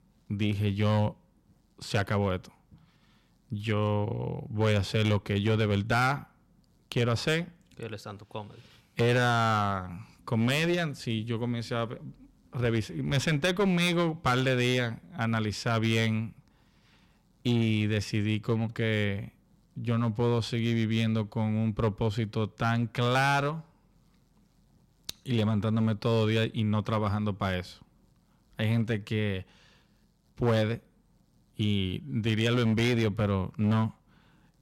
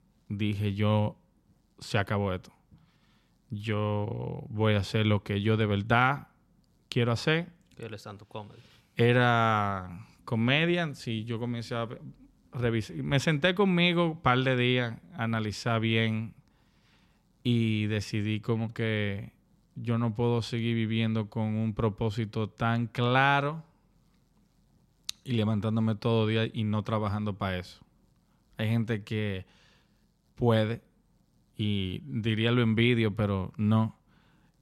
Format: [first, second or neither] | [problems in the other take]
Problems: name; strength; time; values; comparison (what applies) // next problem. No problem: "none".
second | distortion; slight; 8% of the sound clipped